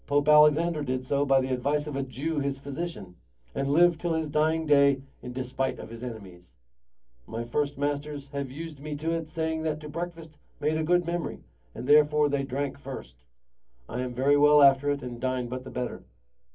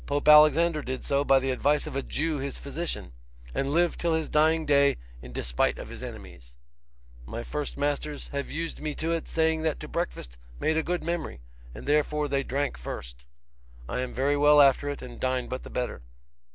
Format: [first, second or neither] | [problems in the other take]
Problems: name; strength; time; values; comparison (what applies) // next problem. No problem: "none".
second | room echo; dies away in 0.3 s